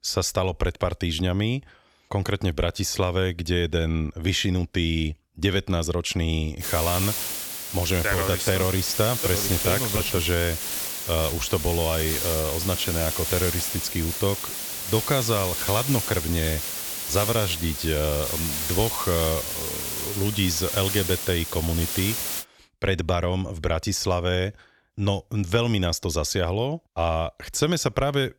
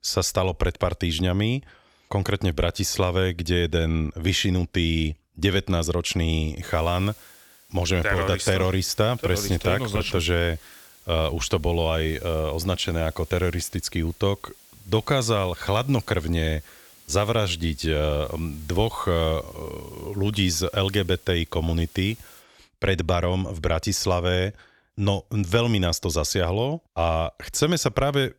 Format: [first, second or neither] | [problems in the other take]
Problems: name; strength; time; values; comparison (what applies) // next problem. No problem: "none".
second | hiss; loud; from 6.5 to 22 s; 2 dB below the speech; faint in the second